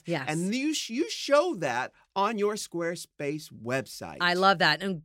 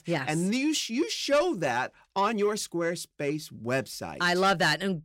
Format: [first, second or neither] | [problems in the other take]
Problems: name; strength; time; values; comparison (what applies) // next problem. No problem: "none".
first | distortion; slight; 10 dB below the speech